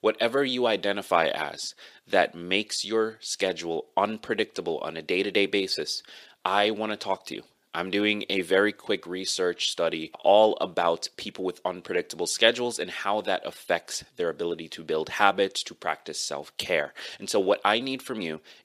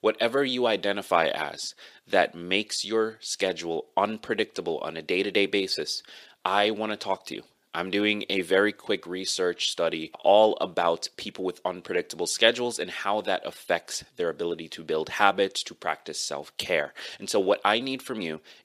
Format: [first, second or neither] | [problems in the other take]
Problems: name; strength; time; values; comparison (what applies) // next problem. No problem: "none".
neither | thin; somewhat; fading below 400 Hz; the same in both